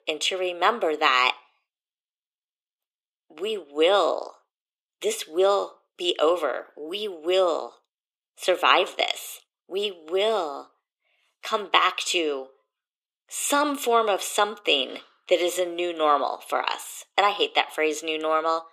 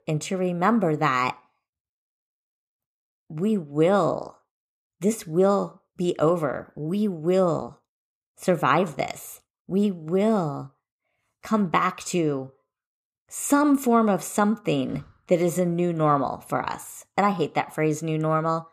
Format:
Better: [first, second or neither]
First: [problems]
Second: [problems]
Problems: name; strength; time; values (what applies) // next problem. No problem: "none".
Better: second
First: thin; very; fading below 350 Hz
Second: none